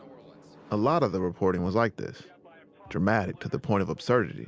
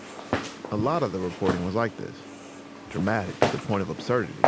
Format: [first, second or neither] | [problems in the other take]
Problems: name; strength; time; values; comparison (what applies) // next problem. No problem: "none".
first | background sound (Walk, footsteps); 2 dB below the speech